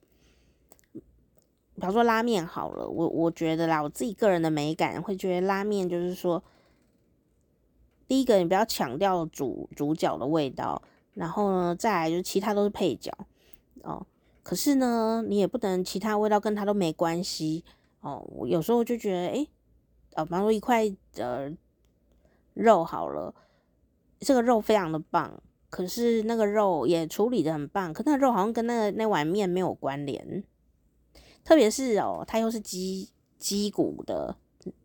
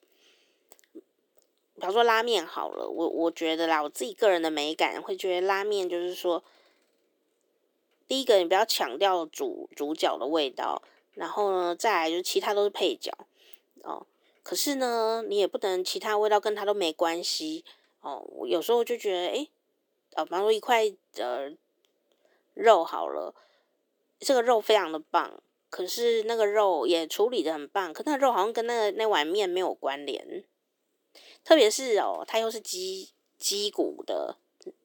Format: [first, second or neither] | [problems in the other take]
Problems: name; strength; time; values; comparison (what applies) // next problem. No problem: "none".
first | thin; somewhat; fading below 350 Hz